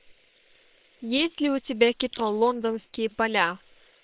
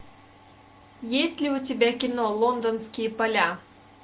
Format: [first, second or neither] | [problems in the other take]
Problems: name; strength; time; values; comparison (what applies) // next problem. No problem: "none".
second | noise reduction (neural separator model SepFormer WHAM!)